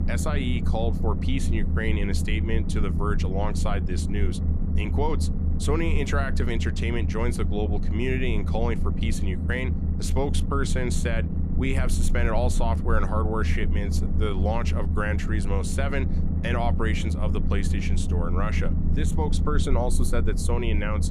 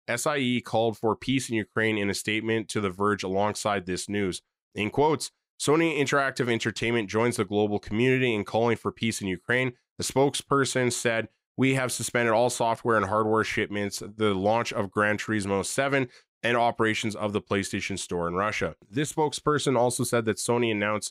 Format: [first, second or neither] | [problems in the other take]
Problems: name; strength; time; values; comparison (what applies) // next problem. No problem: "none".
second | low rumble; loud; throughout; 8 dB below the speech